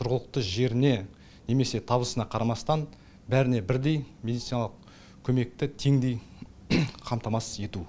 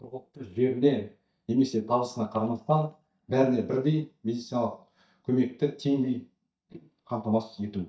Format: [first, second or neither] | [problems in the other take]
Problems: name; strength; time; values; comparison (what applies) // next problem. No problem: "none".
first | noise reduction (neural mask model DeepFilterNet 3)